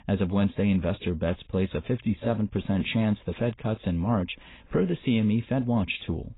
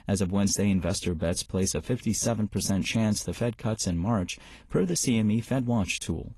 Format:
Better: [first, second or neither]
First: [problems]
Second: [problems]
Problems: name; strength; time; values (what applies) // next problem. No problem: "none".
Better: second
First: garbled, watery; badly; nothing above 4 kHz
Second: garbled, watery; slightly; nothing above 11.5 kHz